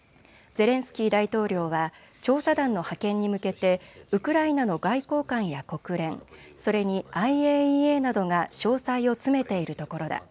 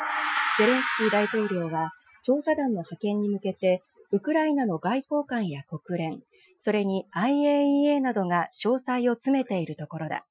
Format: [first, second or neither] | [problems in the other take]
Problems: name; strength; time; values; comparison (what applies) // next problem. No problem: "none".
first | noise reduction (classical method Wiener filter)